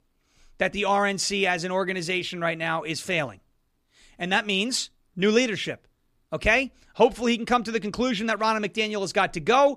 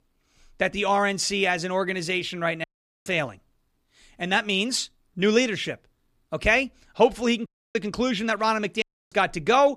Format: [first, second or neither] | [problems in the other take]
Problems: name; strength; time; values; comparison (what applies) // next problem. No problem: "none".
first | audio cutting out; at 2.5 s, at 7.5 s and at 9 s